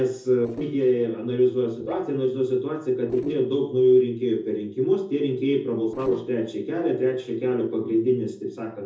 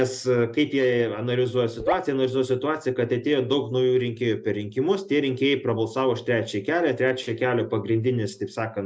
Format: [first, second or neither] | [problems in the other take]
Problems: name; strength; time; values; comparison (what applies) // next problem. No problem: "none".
second | noise reduction (neural separator model SepFormer DNS4)